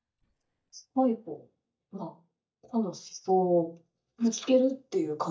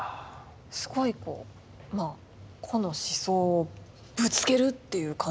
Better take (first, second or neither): second